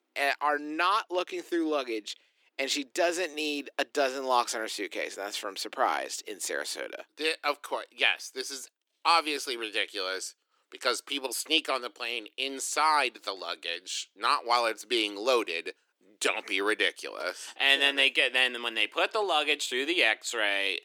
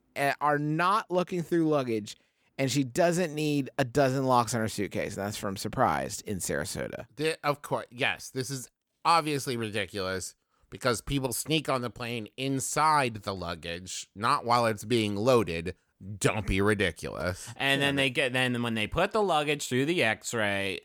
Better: second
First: thin; somewhat; fading below 300 Hz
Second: none

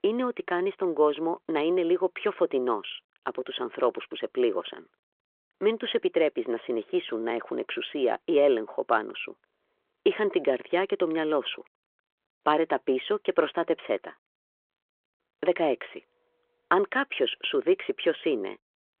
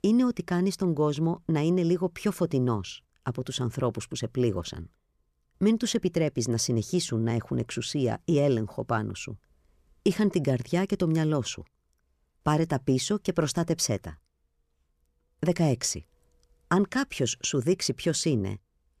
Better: second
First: phone-call audio; nothing above 3.5 kHz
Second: none

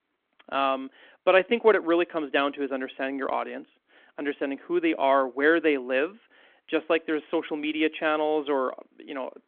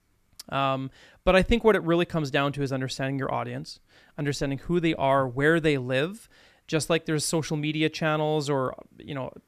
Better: second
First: phone-call audio; nothing above 3.5 kHz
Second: none

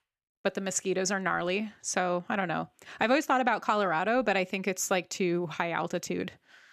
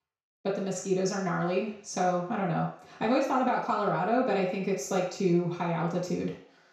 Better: first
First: none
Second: room echo; noticeable; dies away in 0.6 s // off-mic speech; far

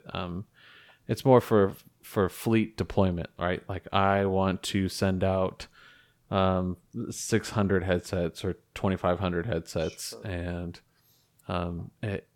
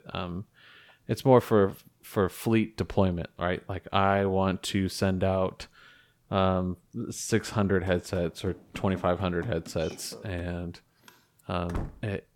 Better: first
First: none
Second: door banging; faint; from 8 s on; peak 10 dB below the speech

